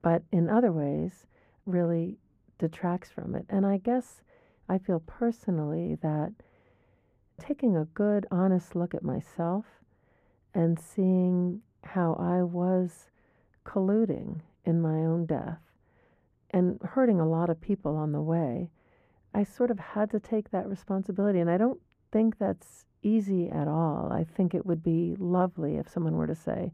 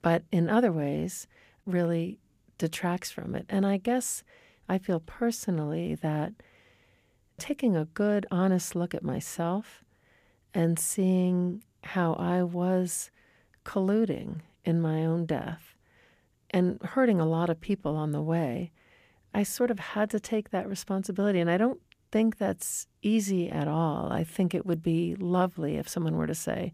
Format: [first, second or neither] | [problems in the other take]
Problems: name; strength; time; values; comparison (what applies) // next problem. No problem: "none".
second | muffled; very; fading above 2 kHz